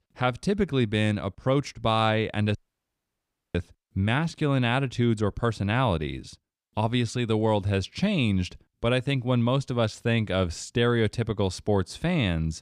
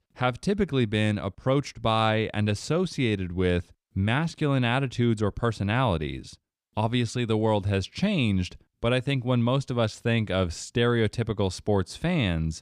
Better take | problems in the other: second | audio cutting out; at 2.5 s for 1 s

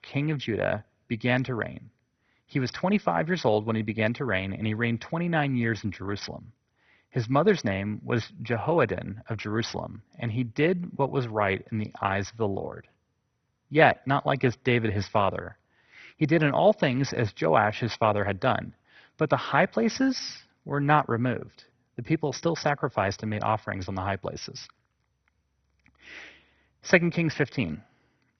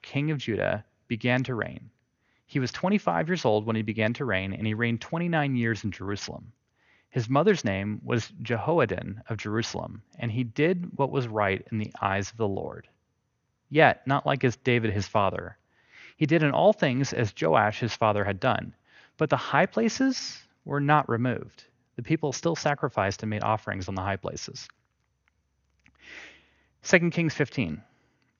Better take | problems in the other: second | garbled, watery; badly; nothing above 6 kHz; slightly in the second

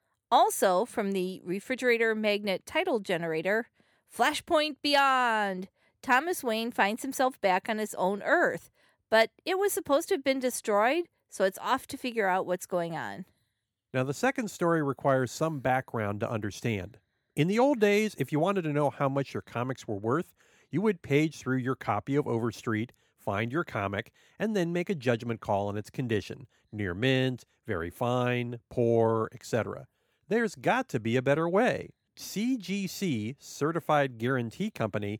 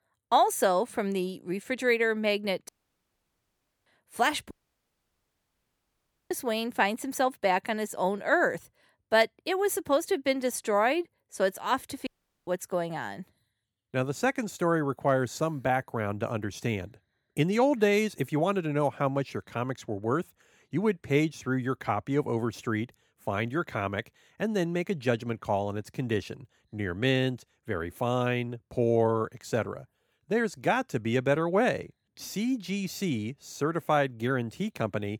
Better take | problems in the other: first | audio cutting out; at 2.5 s for 1 s, at 4.5 s for 2 s and at 12 s

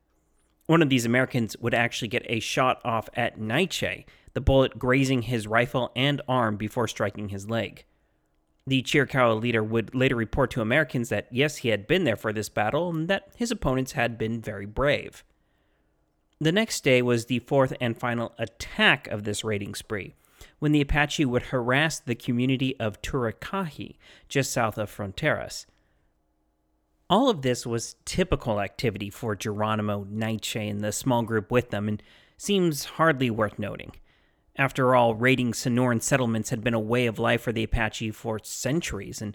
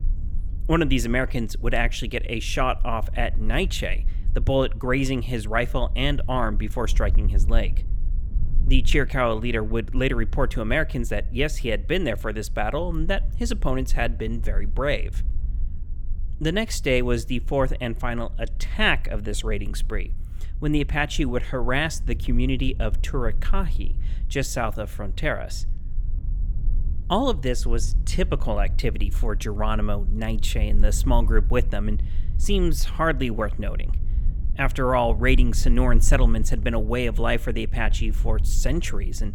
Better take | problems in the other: first | low rumble; faint; throughout; 25 dB below the speech

